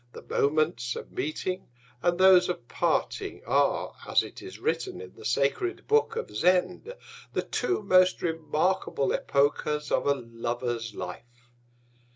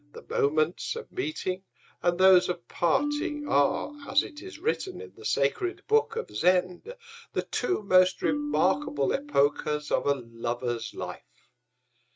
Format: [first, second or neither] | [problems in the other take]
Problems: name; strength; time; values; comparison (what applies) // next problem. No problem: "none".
first | noise reduction (neural mask model RNNoise)